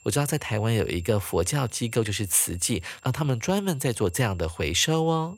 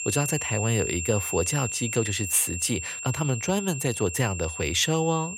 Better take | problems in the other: first | high-pitched whine; loud; throughout; 7.5 kHz, 5 dB below the speech; faint in the first

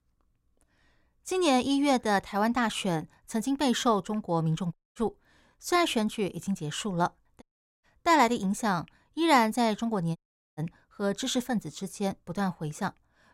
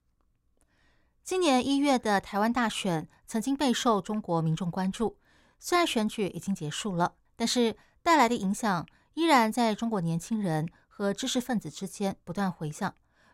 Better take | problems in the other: second | audio cutting out; at 4.5 s, at 7.5 s and at 10 s

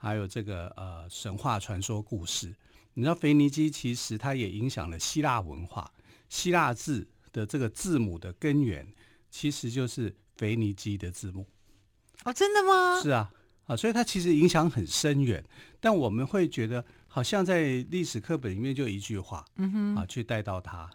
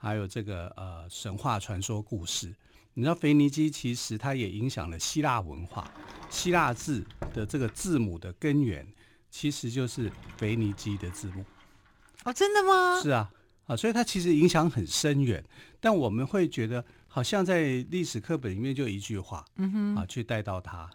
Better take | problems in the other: first | door banging; faint; from 6 to 11 s; peak 10 dB below the speech

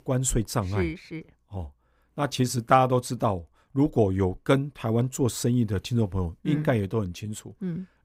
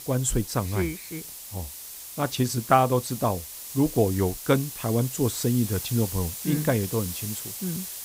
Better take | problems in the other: first | hiss; loud; throughout; 9 dB below the speech

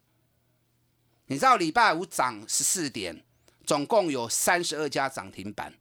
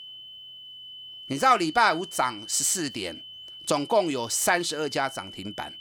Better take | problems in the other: first | high-pitched whine; noticeable; throughout; 3 kHz, 15 dB below the speech

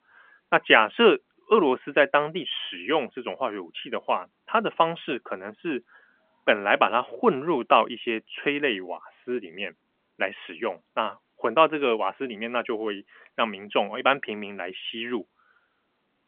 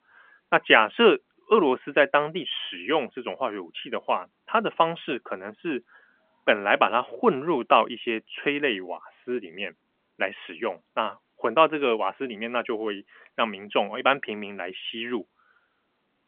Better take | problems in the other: neither | phone-call audio; nothing above 3.5 kHz; the same in both

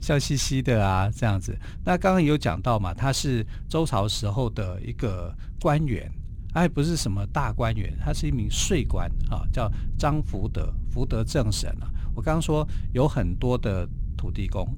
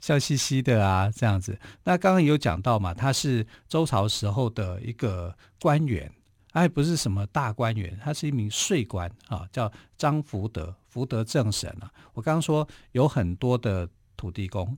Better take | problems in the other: second | low rumble; faint; throughout; 20 dB below the speech

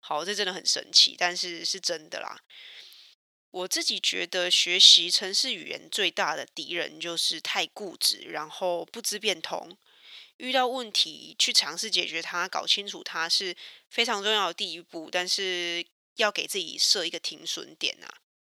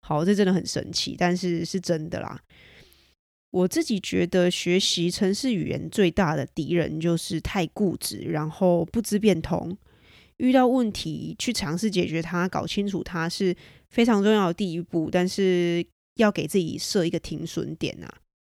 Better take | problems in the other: second | thin; very; fading below 700 Hz

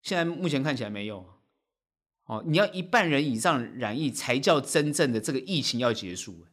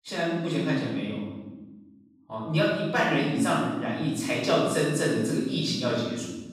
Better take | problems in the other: first | off-mic speech; far // room echo; strong; dies away in 1.1 s

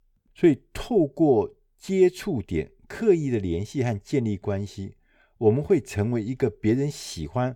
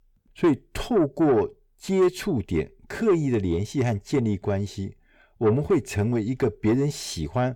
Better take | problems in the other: first | distortion; slight; 10 dB below the speech

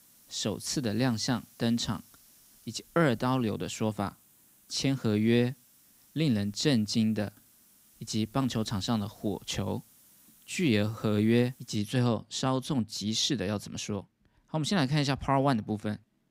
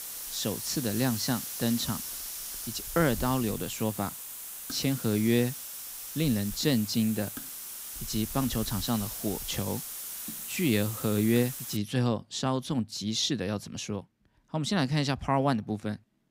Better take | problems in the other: first | hiss; loud; until 12 s; 6 dB below the speech; faint in the first

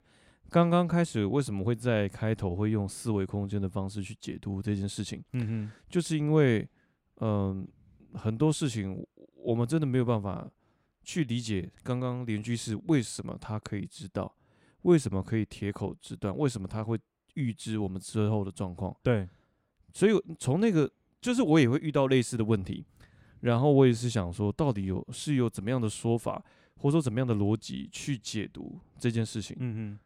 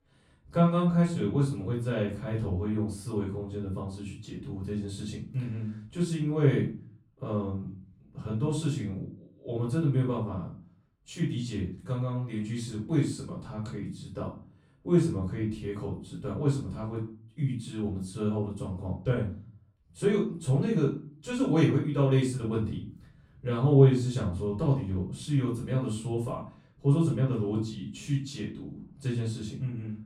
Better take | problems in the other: first | off-mic speech; far // room echo; slight; dies away in 0.4 s

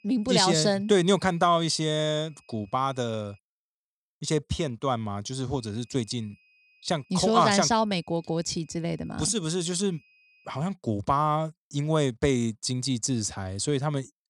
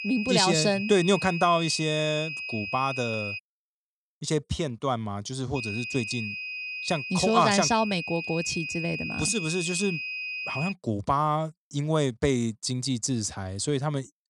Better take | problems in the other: first | high-pitched whine; loud; until 3.5 s and from 5.5 to 11 s; 2.5 kHz, 6 dB below the speech; faint in the first

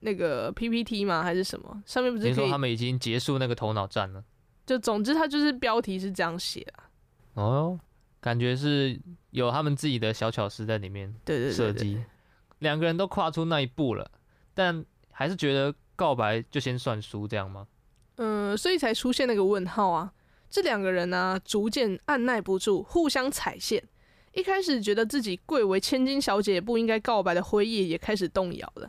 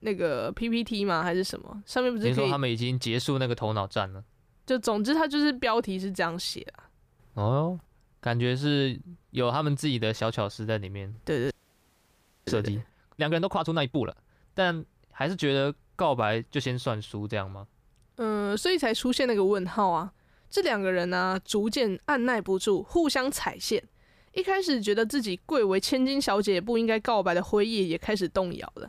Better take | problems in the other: first | audio freezing; at 12 s for 1 s

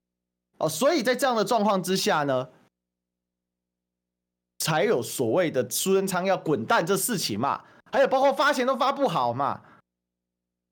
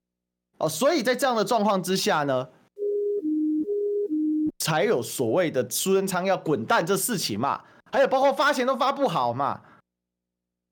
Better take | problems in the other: first | siren; noticeable; from 3 to 4.5 s; peak 1 dB below the speech

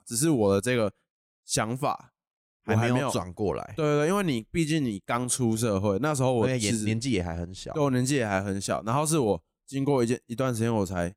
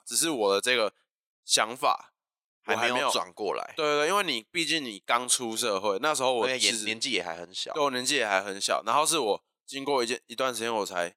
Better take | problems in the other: first | thin; very; fading below 500 Hz

